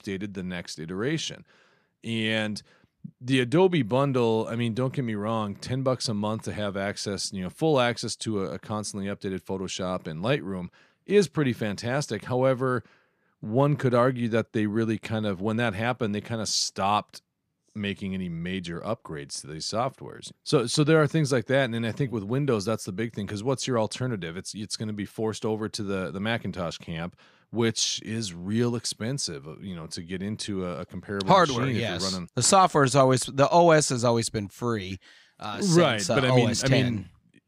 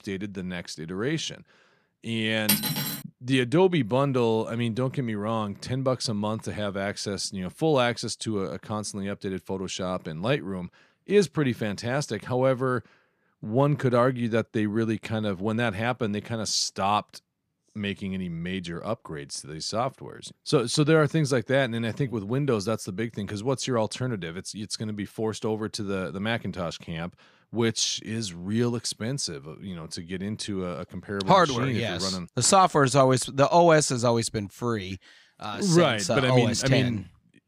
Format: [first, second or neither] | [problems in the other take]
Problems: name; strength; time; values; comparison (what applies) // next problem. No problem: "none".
first | clattering dishes; loud; at 2.5 s; peak 3 dB above the speech